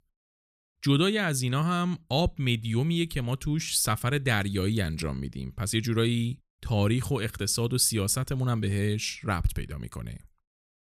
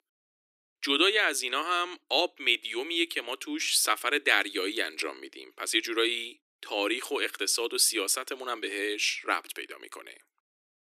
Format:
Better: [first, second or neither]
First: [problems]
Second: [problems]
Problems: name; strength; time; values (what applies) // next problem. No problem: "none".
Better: first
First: none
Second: thin; very; fading below 300 Hz